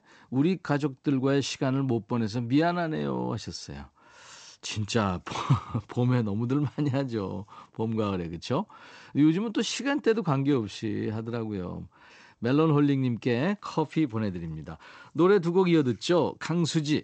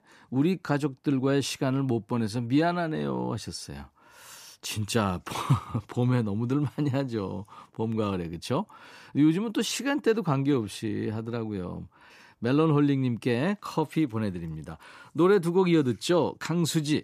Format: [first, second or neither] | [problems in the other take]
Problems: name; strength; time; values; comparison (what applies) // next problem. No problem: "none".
second | garbled, watery; slightly; nothing above 8 kHz